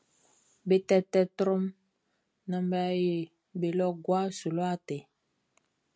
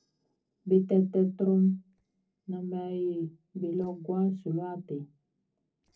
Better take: first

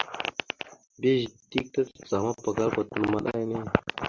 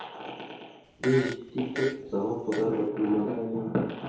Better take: first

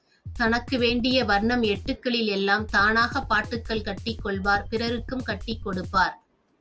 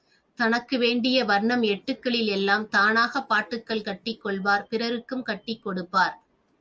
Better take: second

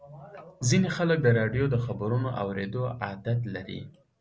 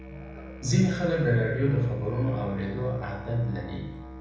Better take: first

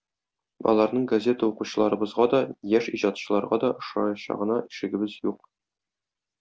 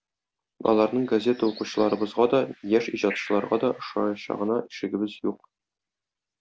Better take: first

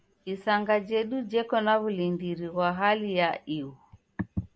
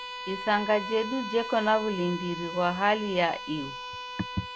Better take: first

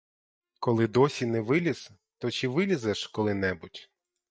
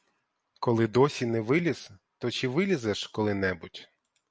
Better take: second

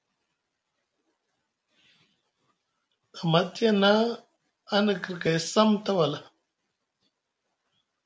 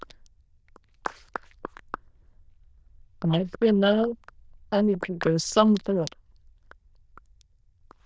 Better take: first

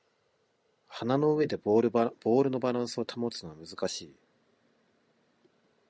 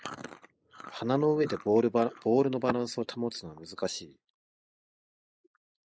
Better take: first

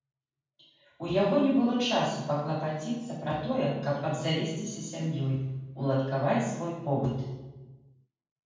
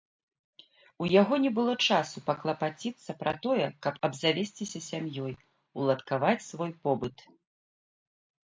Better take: second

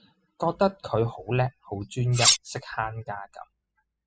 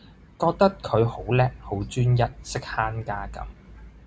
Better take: second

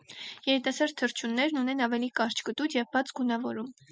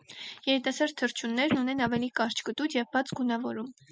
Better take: first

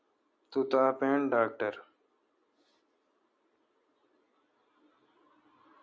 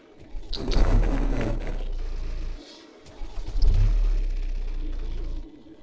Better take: first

